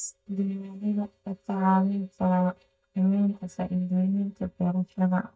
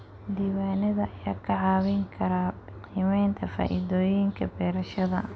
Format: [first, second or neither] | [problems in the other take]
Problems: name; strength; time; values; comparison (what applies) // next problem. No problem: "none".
second | noise reduction (neural mask model DeepFilterNet 3)